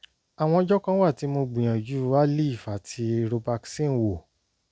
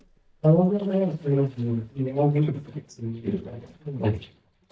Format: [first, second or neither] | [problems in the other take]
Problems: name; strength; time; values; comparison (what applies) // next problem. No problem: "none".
first | noise reduction (neural mask model DeepFilterNet 3)